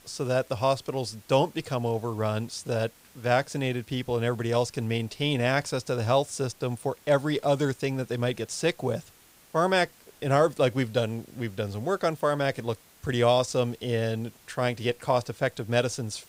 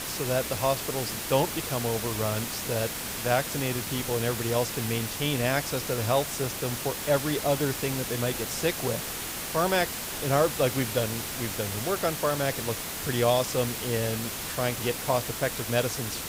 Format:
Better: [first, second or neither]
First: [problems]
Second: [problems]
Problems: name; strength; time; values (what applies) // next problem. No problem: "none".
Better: first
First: hiss; faint; throughout; 25 dB below the speech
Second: hiss; loud; throughout; 3 dB below the speech